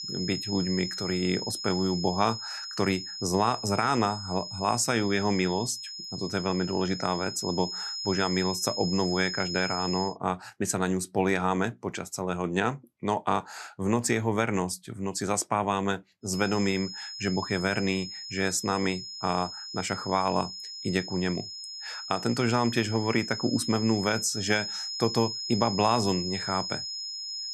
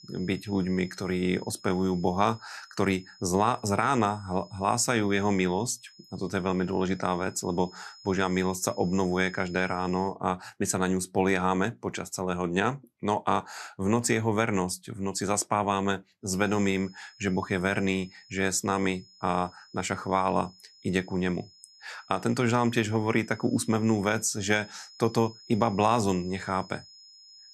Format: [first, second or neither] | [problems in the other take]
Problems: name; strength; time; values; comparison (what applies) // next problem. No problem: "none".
second | high-pitched whine; loud; until 10 s and from 16 s on; 5 kHz, 6 dB below the speech; faint in the second